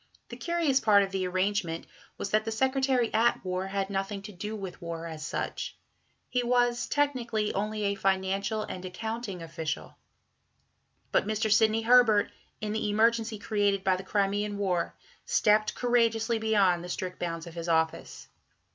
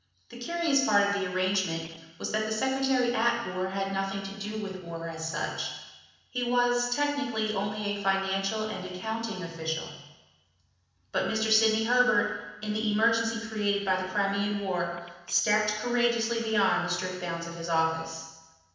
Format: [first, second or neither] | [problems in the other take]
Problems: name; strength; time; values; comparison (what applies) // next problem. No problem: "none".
first | noise reduction (neural separator model SepFormer DNS4)